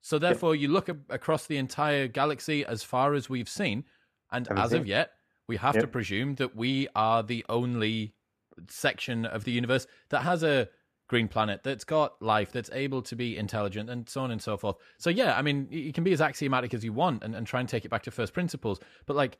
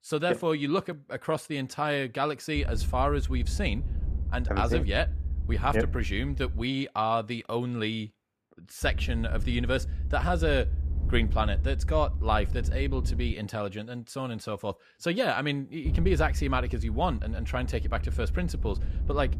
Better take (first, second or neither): first